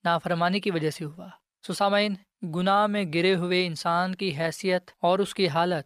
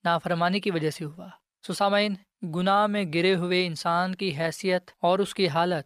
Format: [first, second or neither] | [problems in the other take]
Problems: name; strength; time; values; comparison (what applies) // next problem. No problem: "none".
neither | none